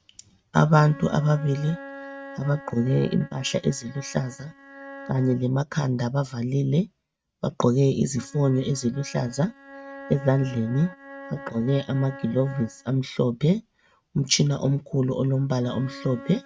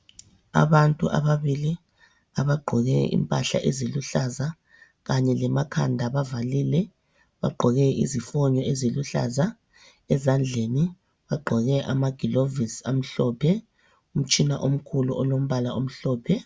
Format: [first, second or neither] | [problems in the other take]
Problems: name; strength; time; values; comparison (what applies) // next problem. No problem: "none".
second | noise reduction (neural mask model RNNoise)